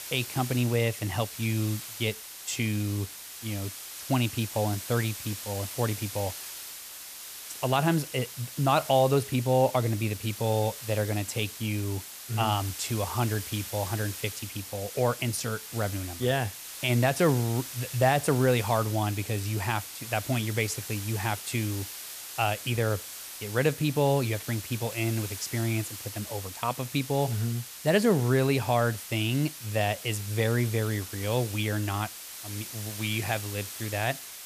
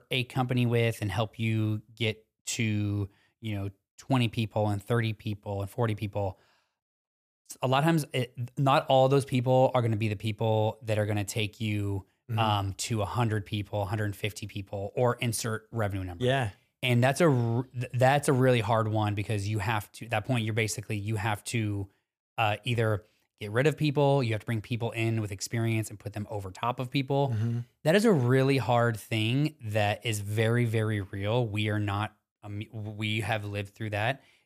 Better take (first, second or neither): second